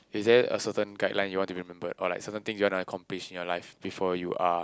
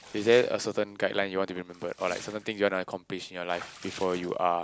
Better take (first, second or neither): first